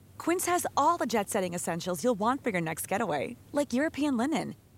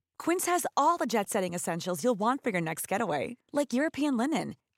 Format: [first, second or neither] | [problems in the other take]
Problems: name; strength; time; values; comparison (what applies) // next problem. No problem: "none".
second | hiss; faint; throughout; 25 dB below the speech